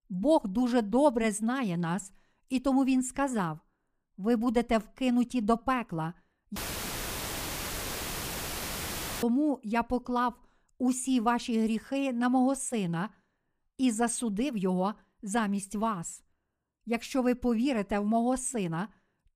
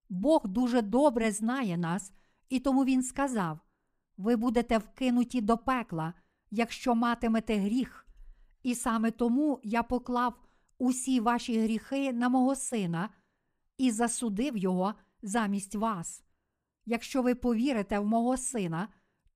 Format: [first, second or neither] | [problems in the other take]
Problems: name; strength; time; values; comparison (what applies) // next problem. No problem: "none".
second | audio cutting out; filled with static; at 6.5 s for 2.5 s